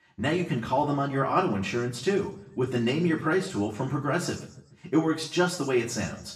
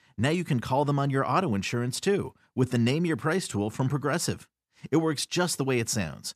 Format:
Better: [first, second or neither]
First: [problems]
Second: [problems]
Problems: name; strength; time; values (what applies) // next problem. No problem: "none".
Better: second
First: room echo; slight; dies away in 0.8 s // off-mic speech; far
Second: none